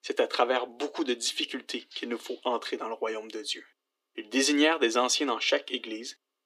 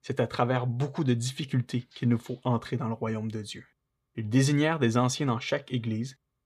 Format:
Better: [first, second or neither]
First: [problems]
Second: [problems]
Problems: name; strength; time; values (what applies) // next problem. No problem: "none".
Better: second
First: thin; somewhat; fading below 300 Hz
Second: none